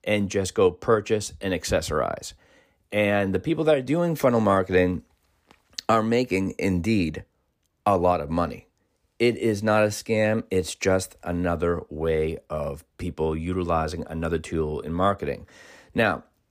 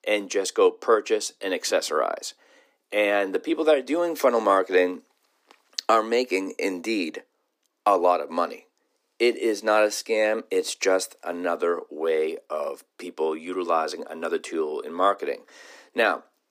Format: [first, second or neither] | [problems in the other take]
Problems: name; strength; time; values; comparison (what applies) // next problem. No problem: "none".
first | thin; somewhat; fading below 300 Hz